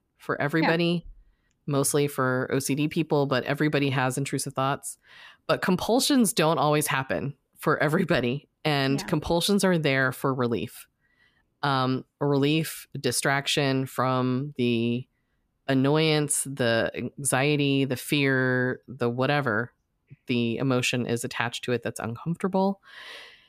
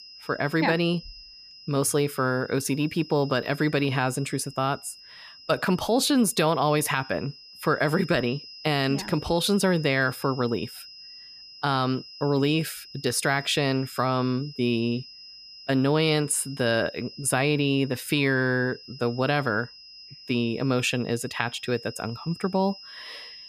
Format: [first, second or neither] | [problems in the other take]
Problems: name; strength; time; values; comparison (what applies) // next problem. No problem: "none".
first | high-pitched whine; noticeable; throughout; 5 kHz, 15 dB below the speech